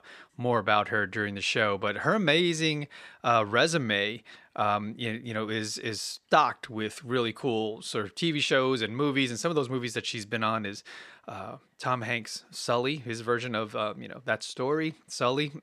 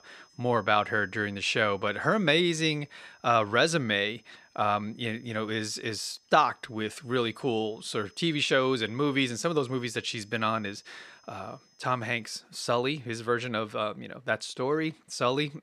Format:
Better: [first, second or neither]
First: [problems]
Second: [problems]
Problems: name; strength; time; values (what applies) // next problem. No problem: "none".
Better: first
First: none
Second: high-pitched whine; faint; until 12 s; 5 kHz, 30 dB below the speech